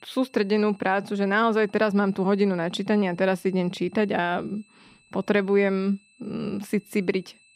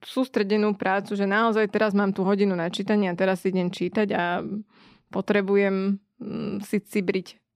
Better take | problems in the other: second | high-pitched whine; faint; throughout; 2.5 kHz, 35 dB below the speech

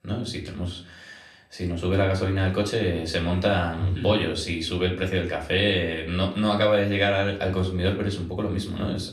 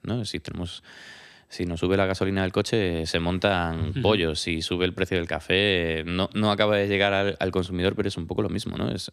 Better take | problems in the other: second | off-mic speech; far // room echo; slight; dies away in 0.4 s

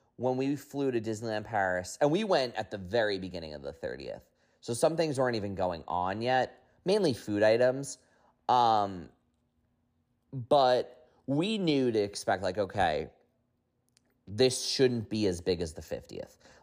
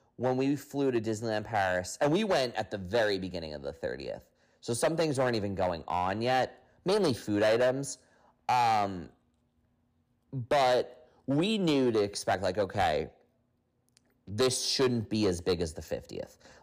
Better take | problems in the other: first | distortion; slight; 6% of the sound clipped

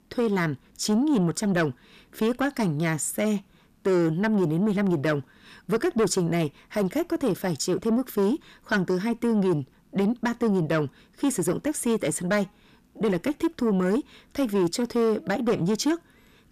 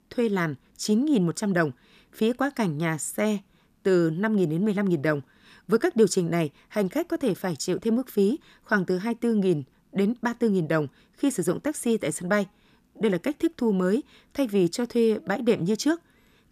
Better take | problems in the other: second | distortion; slight; 10 dB below the speech

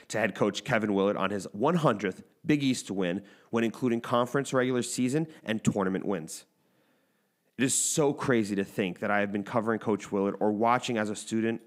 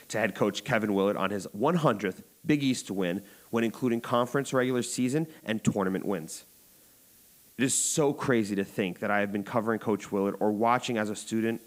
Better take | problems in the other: first | hiss; faint; throughout; 25 dB below the speech

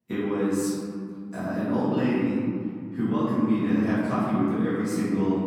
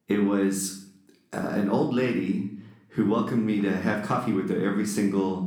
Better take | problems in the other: second | room echo; strong; dies away in 2.4 s; slight in the second // off-mic speech; far; somewhat distant in the second

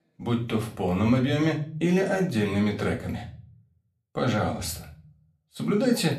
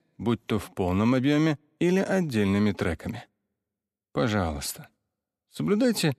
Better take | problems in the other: second | room echo; slight; dies away in 0.4 s // off-mic speech; far

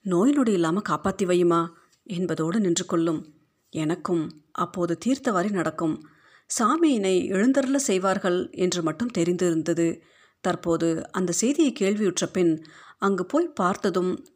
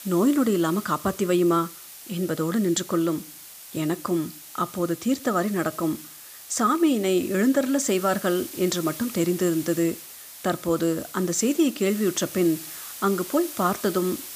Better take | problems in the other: first | hiss; noticeable; throughout; 15 dB below the speech

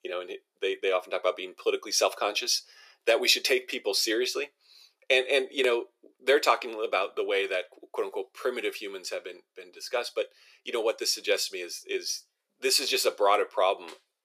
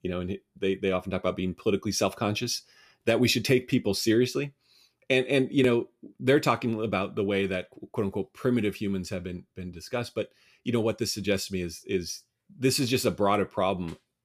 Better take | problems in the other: second | thin; very; fading below 400 Hz

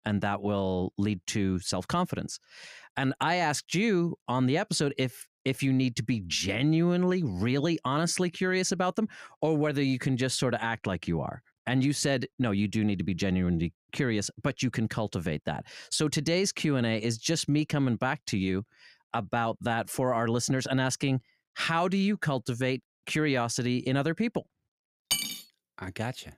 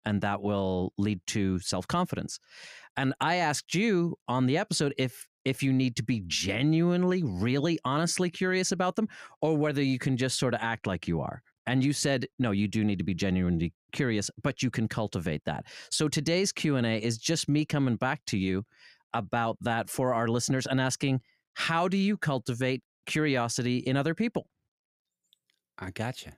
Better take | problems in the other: second | clattering dishes; loud; at 25 s; peak level with the speech

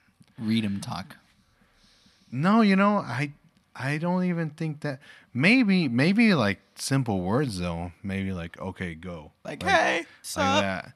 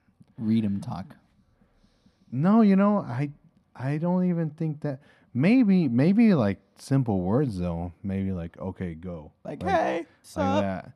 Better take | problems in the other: first | muffled; slightly; fading above 1 kHz

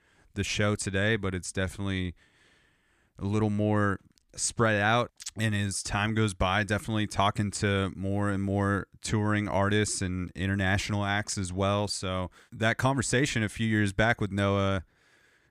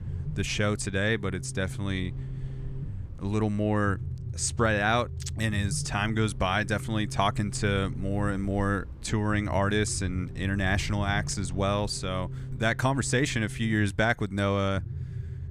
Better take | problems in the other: first | low rumble; faint; throughout; 20 dB below the speech

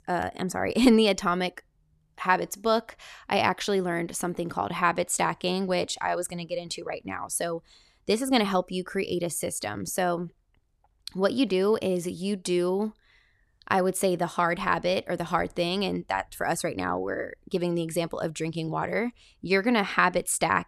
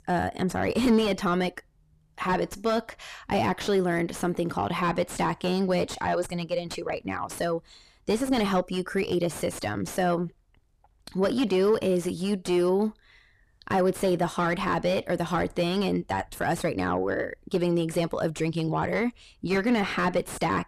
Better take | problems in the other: first | distortion; heavy; 6 dB below the speech

